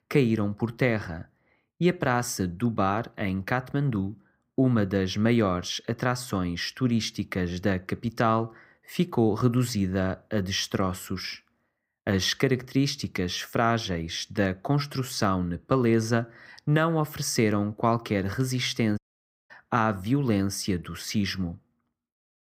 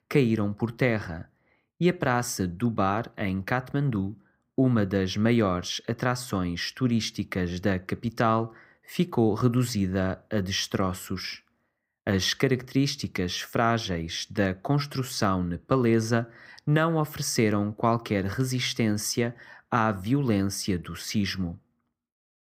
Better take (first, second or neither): second